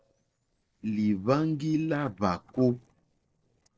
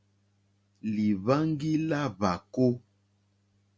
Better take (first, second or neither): second